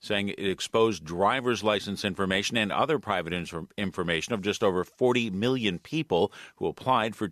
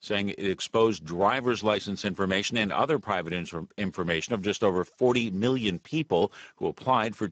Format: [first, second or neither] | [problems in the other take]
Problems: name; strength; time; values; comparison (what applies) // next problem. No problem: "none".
first | garbled, watery; badly; nothing above 7.5 kHz